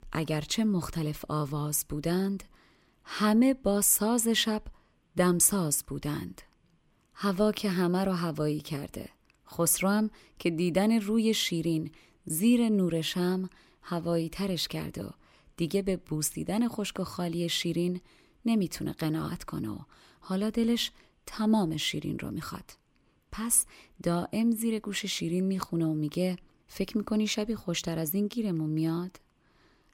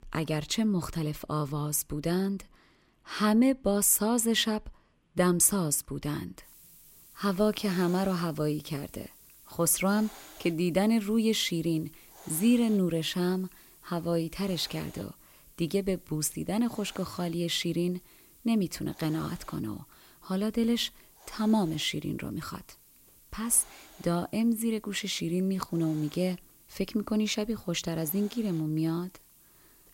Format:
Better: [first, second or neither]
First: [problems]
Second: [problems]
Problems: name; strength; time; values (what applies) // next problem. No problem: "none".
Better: first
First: none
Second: hiss; faint; from 6.5 s on; 25 dB below the speech